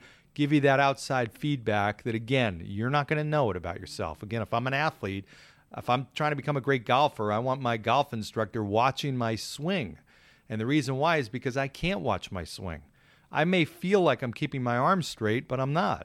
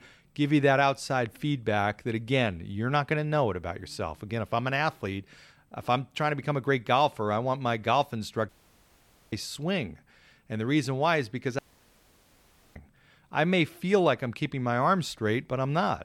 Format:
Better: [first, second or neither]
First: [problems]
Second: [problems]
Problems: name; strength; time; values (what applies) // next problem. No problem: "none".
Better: first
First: none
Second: audio cutting out; at 8.5 s for 1 s and at 12 s for 1 s